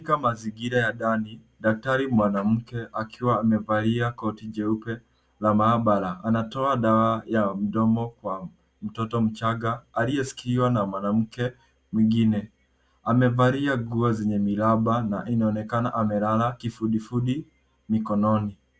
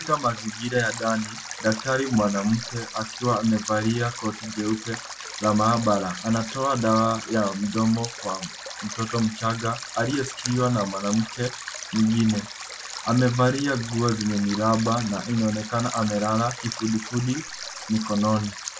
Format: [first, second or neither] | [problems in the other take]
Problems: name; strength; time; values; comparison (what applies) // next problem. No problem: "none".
first | background sound (Stream); 11 dB below the speech